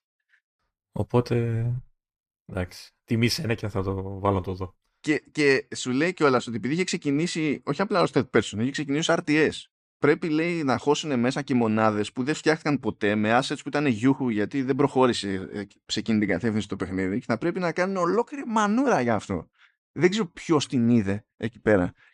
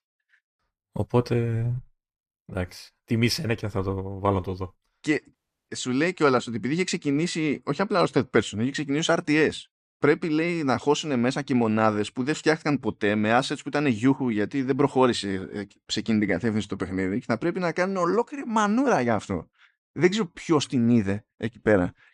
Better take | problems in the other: first | audio cutting out; at 5.5 s

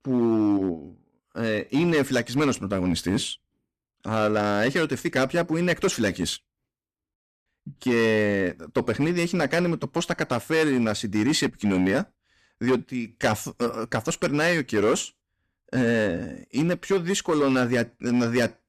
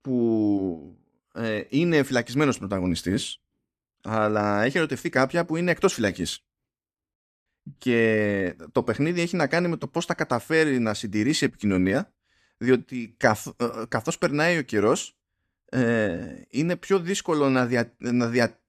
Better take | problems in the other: second | distortion; slight; 7% of the sound clipped

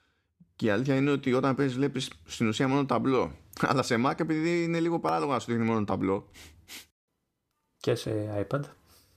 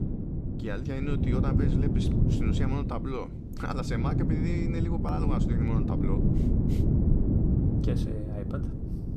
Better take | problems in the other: first | wind noise on the microphone; heavy; 1 dB above the speech

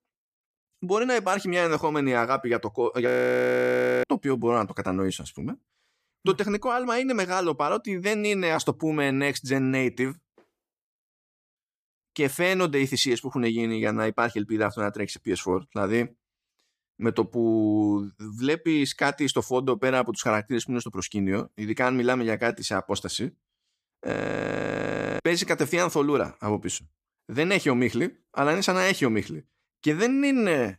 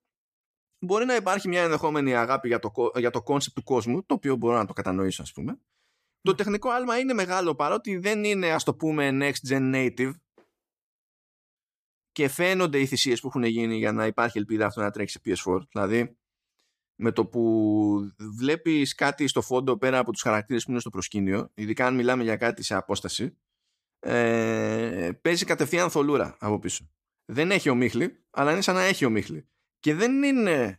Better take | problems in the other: second | audio freezing; at 3 s for 1 s and at 24 s for 1 s

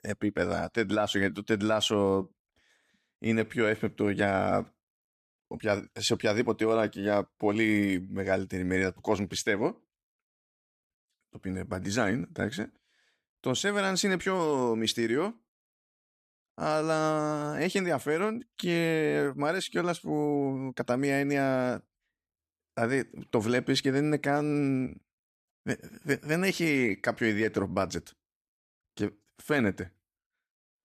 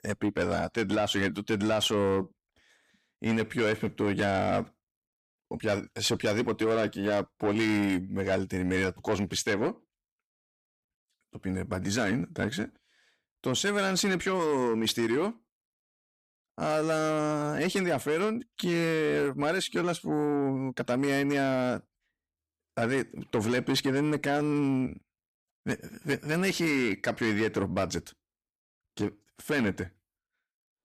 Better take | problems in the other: first | distortion; slight; 10 dB below the speech

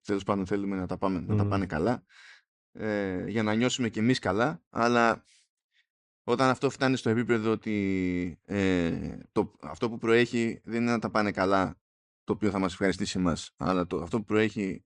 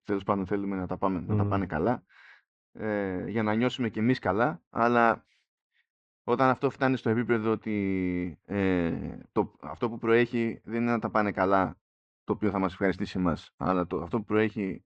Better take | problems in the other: first | muffled; slightly; fading above 2.5 kHz

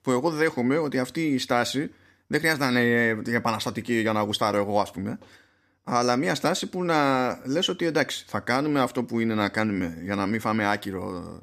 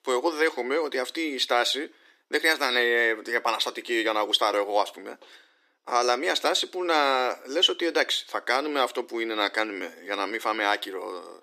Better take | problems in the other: first | thin; very; fading below 350 Hz

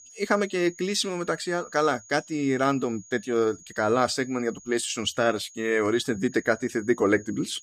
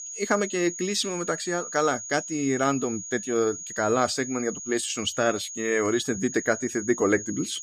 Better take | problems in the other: first | high-pitched whine; loud; throughout; 6.5 kHz, 8 dB below the speech; faint in the first

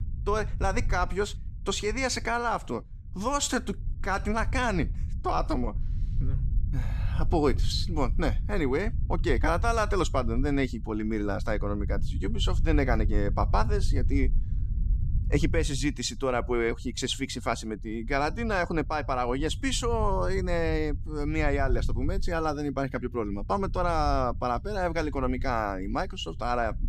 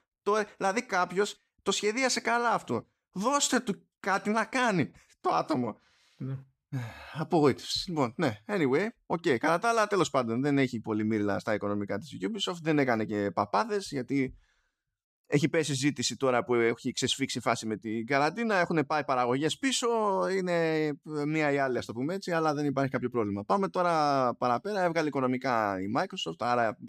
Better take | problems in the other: second | low rumble; faint; throughout; 20 dB below the speech

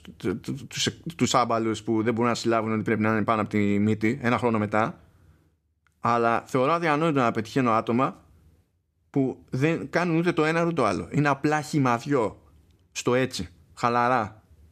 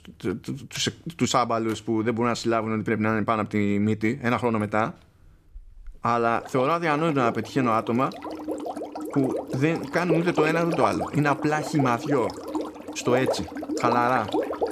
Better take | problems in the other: first | household noises; loud; throughout; 6 dB below the speech

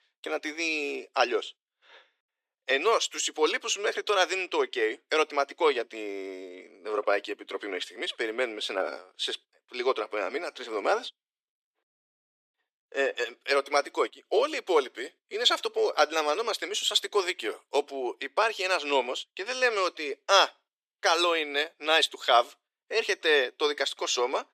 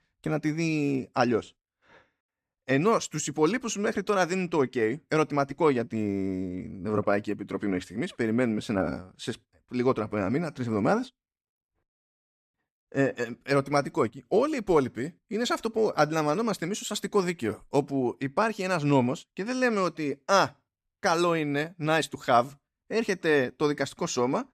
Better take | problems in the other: second | thin; very; fading below 350 Hz

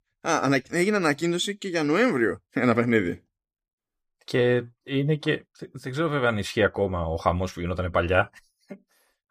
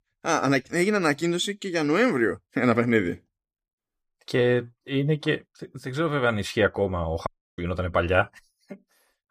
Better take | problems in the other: first | audio cutting out; at 7.5 s

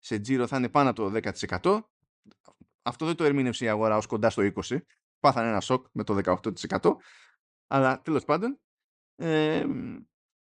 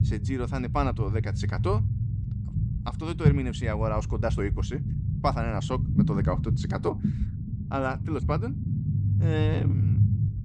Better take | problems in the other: first | low rumble; loud; throughout; 7 dB below the speech

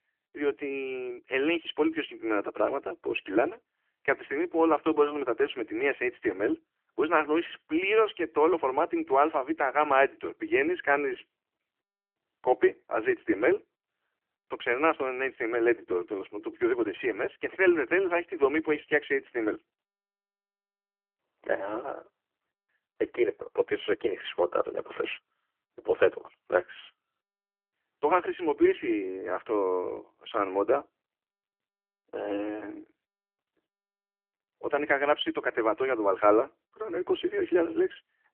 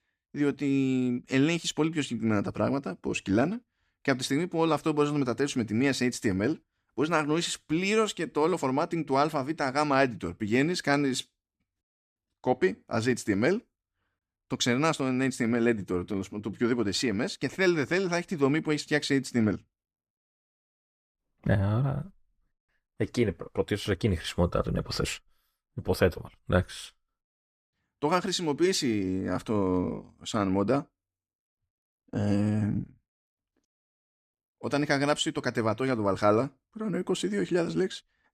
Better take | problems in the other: second | phone-call audio; nothing above 3 kHz

